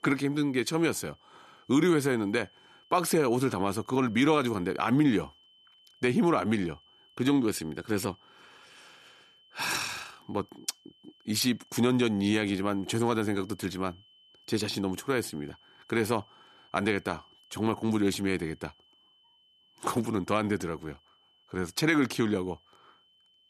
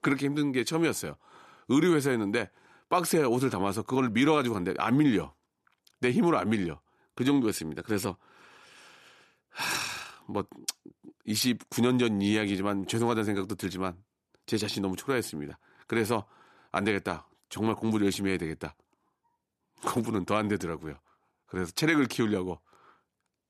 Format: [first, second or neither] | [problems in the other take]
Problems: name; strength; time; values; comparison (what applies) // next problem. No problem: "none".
second | high-pitched whine; faint; throughout; 3 kHz, 30 dB below the speech